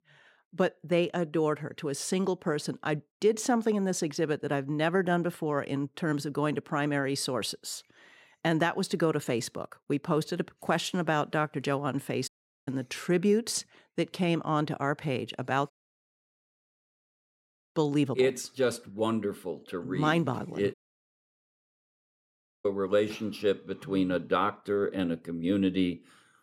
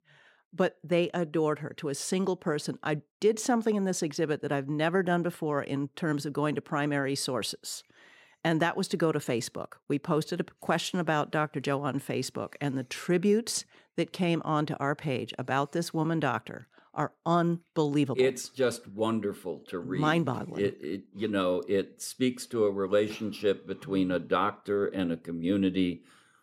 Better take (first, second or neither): second